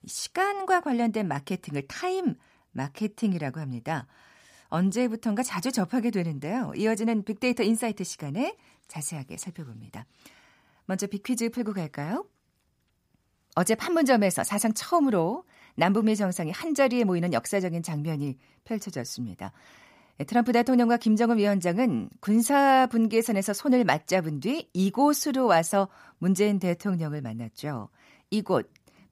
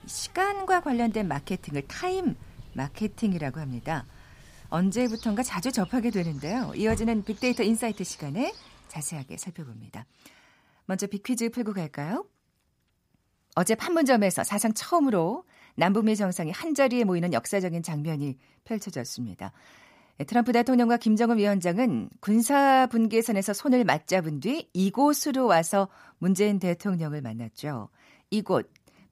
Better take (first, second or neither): first